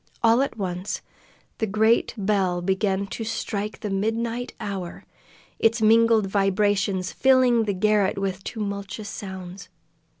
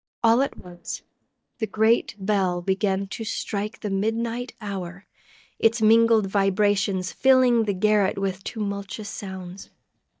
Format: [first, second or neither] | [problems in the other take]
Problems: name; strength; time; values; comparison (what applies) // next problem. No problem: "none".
first | noise reduction (neural mask model DeepFilterNet 3)